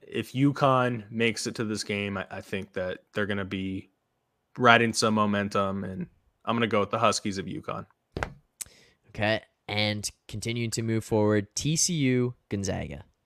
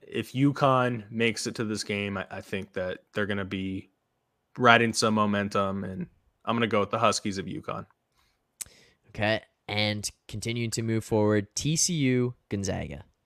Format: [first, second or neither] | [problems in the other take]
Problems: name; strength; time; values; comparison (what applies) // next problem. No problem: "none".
second | footsteps; noticeable; at 8 s; peak 9 dB below the speech